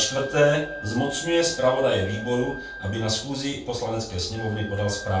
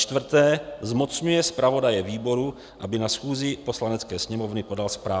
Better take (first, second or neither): second